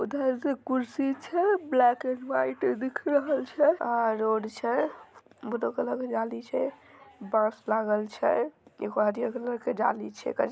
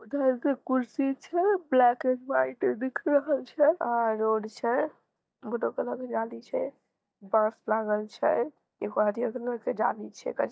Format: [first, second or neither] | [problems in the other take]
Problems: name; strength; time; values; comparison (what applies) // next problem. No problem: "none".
first | noise reduction (neural mask model DeepFilterNet 3)